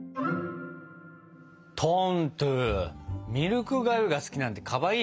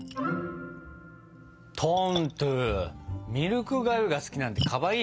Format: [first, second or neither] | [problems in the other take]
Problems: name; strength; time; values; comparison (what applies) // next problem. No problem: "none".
first | background sound (Splash, splatter); 11 dB below the speech